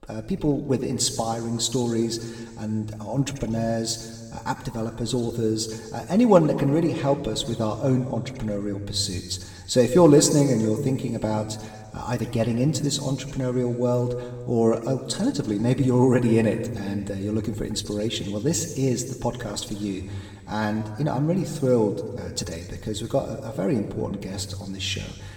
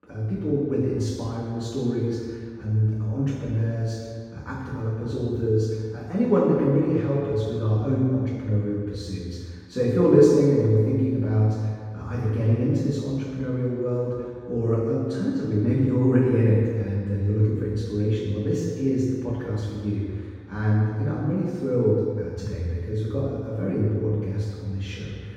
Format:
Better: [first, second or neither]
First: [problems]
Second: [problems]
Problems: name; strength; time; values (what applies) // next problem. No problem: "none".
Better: first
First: room echo; slight; dies away in 1.5 s // off-mic speech; somewhat distant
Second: room echo; strong; dies away in 1.8 s // off-mic speech; far